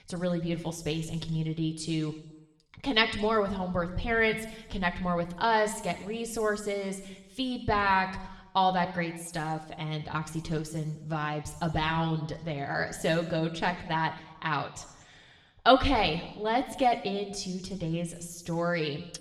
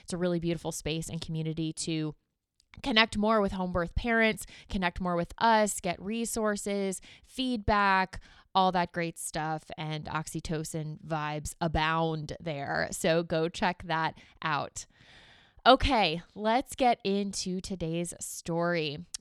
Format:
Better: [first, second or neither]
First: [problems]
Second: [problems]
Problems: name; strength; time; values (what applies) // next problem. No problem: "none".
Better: second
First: room echo; slight; dies away in 0.9 s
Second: none